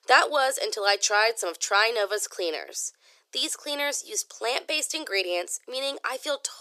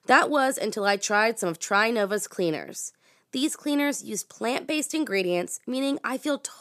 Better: second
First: thin; very; fading below 400 Hz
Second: none

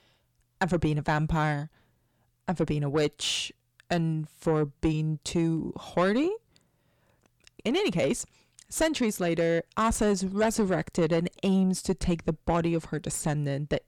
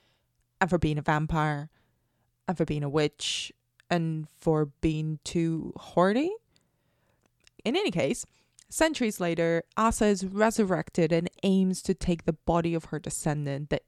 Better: second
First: distortion; slight; 10 dB below the speech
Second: none

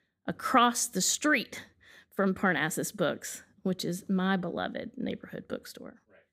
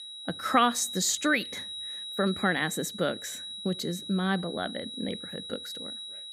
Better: first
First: none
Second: high-pitched whine; loud; throughout; 4 kHz, 8 dB below the speech

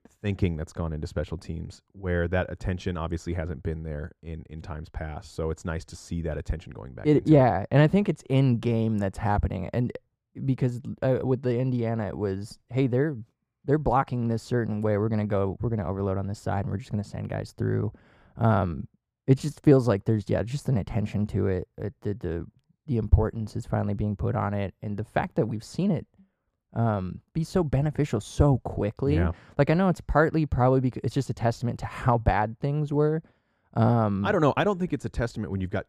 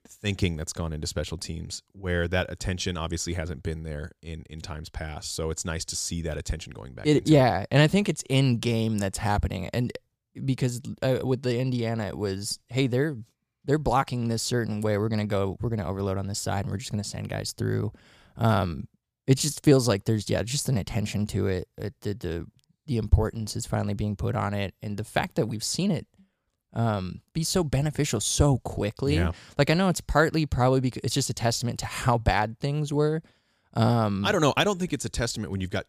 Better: second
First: muffled; very; fading above 2.5 kHz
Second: none

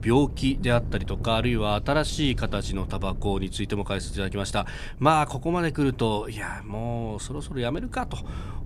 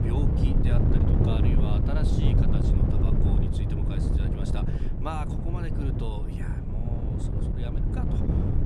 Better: first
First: wind noise on the microphone; occasional gusts; 20 dB below the speech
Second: wind noise on the microphone; heavy; 4 dB above the speech

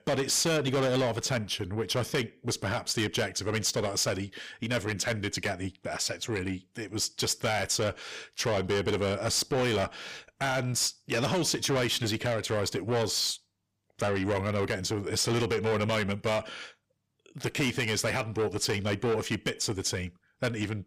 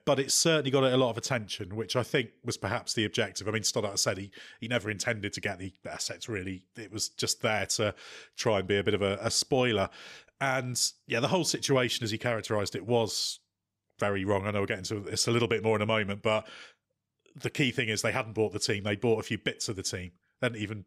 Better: second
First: distortion; heavy; 7 dB below the speech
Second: none

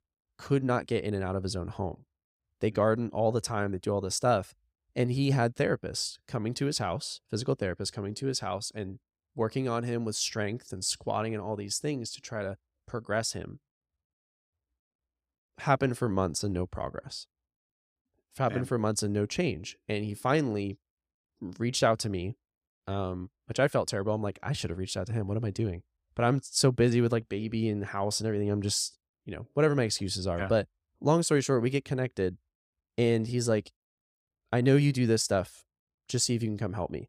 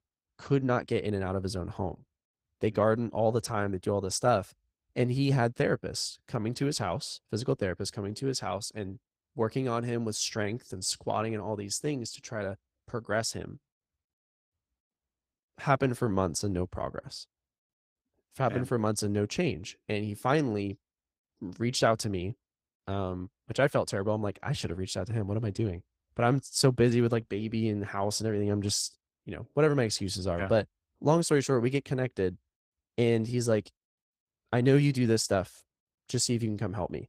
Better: first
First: none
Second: garbled, watery; slightly; nothing above 15.5 kHz

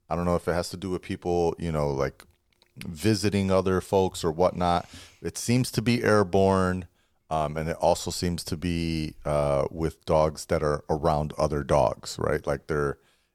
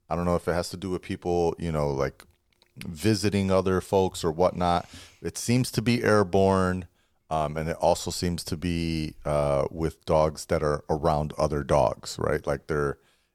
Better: neither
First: none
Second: none

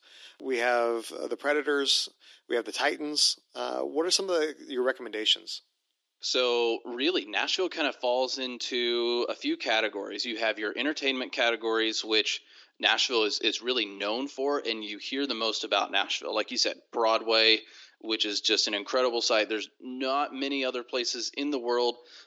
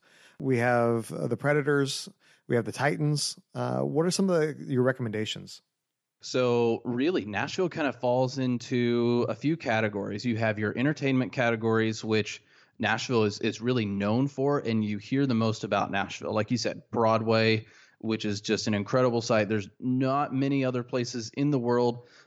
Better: second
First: thin; somewhat; fading below 300 Hz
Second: none

